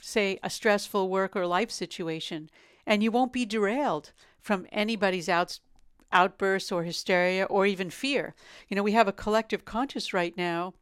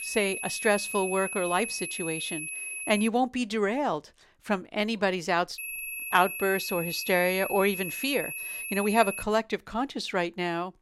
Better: first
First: none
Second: high-pitched whine; loud; until 3 s and from 5.5 to 9 s; 2.5 kHz, 6 dB below the speech

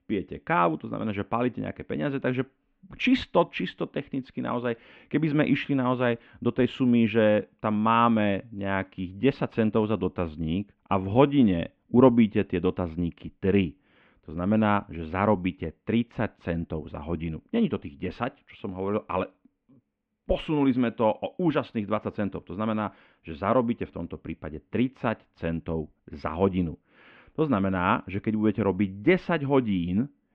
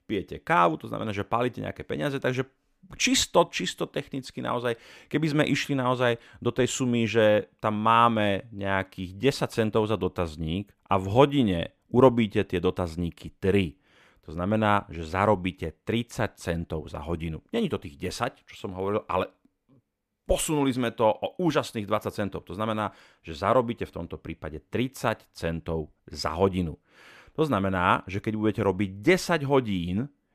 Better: second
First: muffled; very; fading above 3 kHz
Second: none

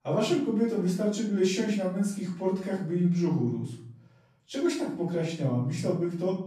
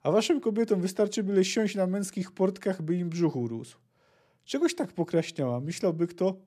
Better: second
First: off-mic speech; far // room echo; noticeable; dies away in 0.6 s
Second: none

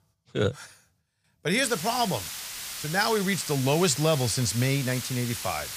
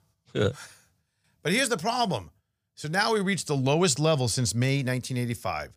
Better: second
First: hiss; loud; from 1.5 s on; 8 dB below the speech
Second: none

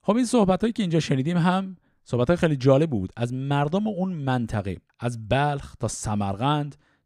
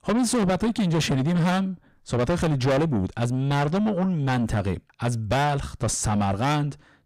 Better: first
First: none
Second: distortion; heavy; 5 dB below the speech

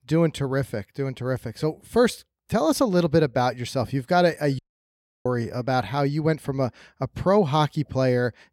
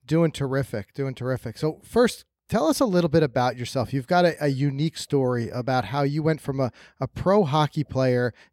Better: second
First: audio cutting out; at 4.5 s for 0.5 s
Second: none

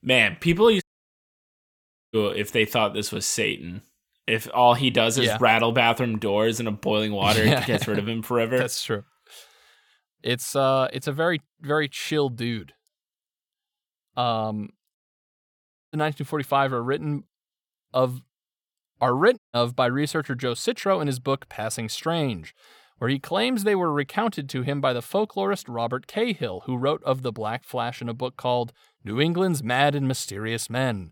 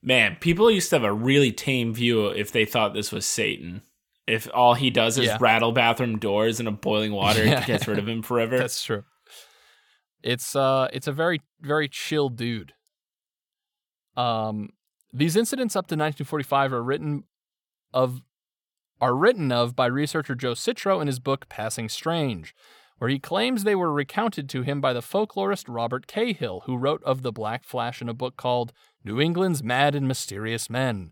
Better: second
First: audio cutting out; at 1 s for 1.5 s, at 15 s for 1 s and at 19 s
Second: none

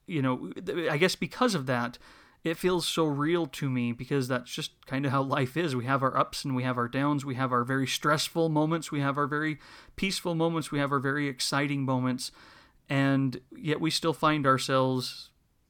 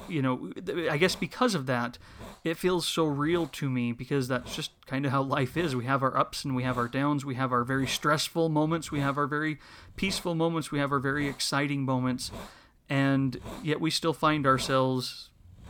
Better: first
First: none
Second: hiss; noticeable; throughout; 20 dB below the speech

